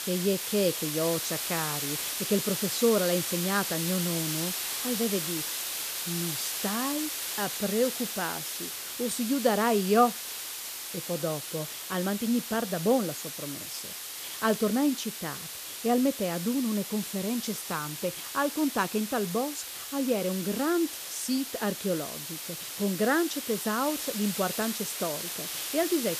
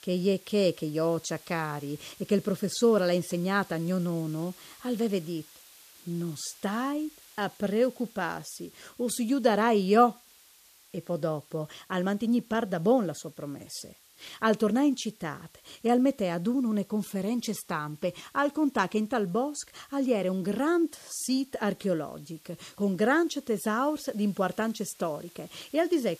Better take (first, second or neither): second